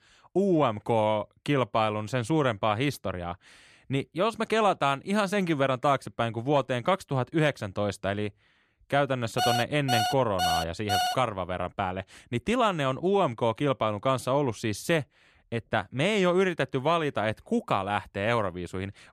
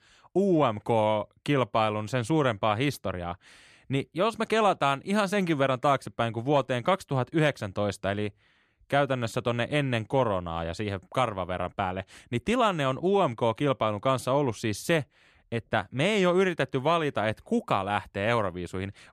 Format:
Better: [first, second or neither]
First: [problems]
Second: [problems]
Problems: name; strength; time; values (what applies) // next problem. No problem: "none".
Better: second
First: alarm; loud; from 9.5 to 11 s; peak level with the speech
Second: none